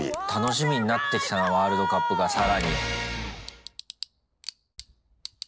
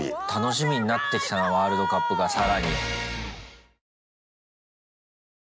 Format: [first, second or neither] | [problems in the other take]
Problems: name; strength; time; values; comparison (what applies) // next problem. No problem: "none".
second | background sound (Tick / Bicycle); 20 dB below the speech